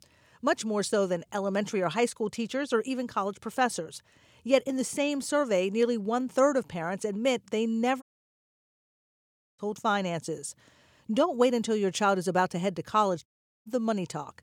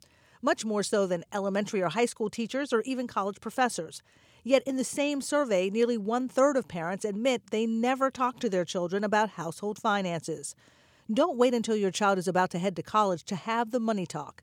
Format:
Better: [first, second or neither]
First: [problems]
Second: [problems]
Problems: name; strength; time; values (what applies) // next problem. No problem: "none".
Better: second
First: audio cutting out; at 8 s for 1.5 s and at 13 s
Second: none